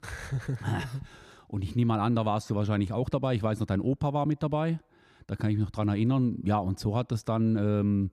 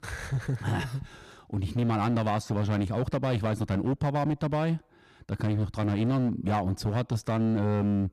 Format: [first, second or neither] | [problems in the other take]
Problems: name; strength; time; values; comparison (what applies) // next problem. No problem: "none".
first | distortion; slight; 14% of the sound clipped